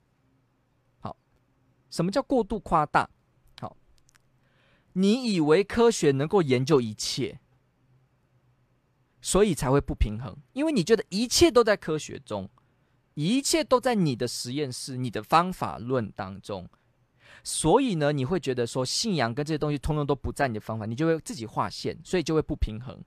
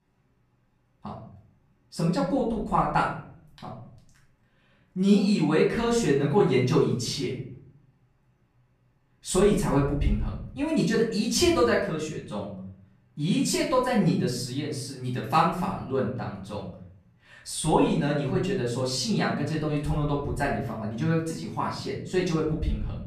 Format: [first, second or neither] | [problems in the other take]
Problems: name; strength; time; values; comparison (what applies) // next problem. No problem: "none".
first | off-mic speech; far // room echo; noticeable; dies away in 0.7 s